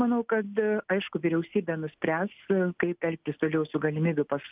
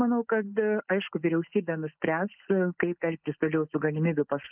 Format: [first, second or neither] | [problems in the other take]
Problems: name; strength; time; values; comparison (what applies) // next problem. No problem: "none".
first | noise reduction (neural mask model Resemble Enhance denoiser)